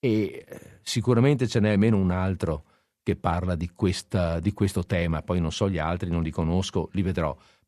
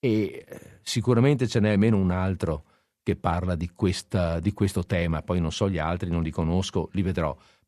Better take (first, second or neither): neither